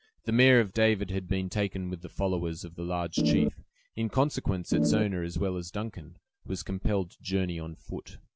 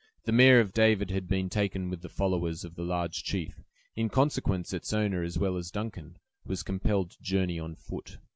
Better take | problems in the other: second | background sound (Organ); 5 dB above the speech

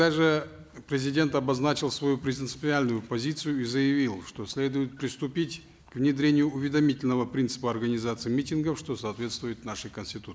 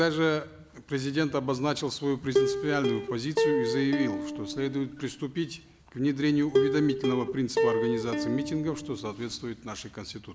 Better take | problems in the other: first | background sound (Plucked string instrument); 1 dB below the speech

